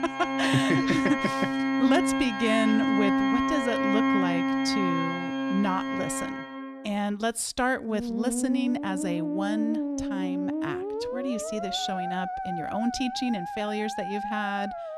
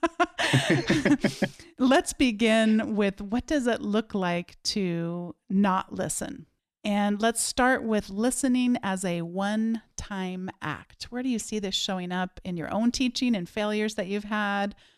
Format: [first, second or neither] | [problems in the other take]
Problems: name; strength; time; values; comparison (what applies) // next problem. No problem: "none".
second | background music; very loud; throughout; 1 dB above the speech